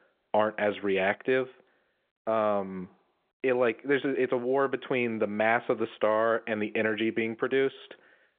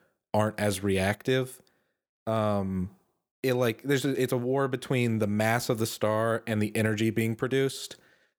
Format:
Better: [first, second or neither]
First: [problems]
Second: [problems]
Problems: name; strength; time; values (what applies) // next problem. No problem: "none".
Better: second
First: phone-call audio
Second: none